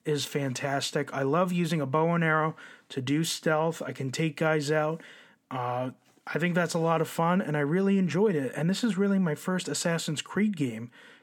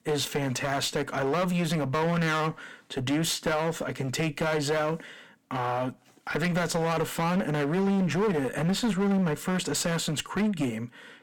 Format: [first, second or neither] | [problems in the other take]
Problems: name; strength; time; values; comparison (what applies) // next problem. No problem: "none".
first | distortion; heavy; 20% of the sound clipped